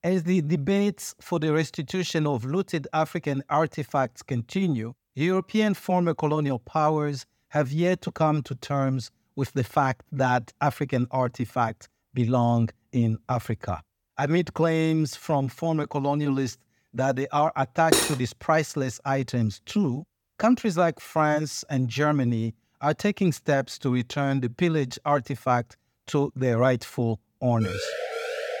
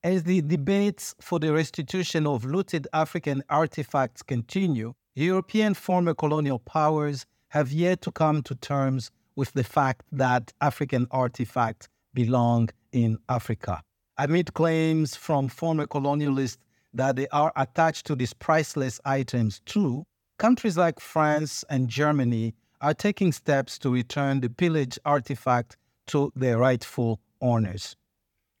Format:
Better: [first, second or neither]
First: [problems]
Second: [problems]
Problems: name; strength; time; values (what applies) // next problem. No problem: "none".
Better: second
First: clattering dishes; loud; at 18 s; peak 3 dB above the speech // siren; noticeable; from 28 s on; peak 5 dB below the speech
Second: none